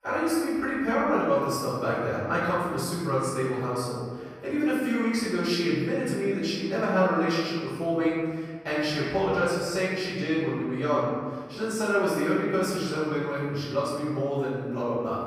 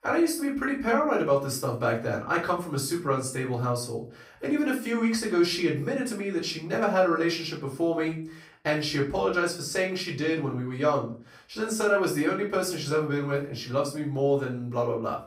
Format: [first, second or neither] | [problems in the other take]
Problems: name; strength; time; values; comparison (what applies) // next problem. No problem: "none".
second | room echo; strong; dies away in 1.6 s; slight in the second // off-mic speech; far; far in the second